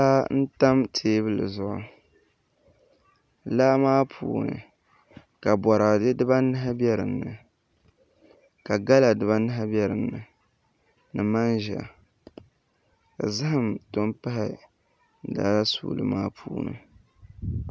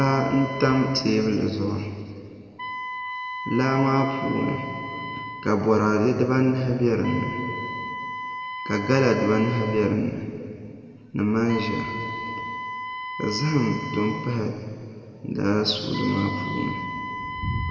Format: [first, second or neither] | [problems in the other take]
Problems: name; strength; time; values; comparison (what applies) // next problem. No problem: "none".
first | background sound (Wind instrument, woodwind instrument); 10 dB below the speech // room echo; dies away in 2.3 s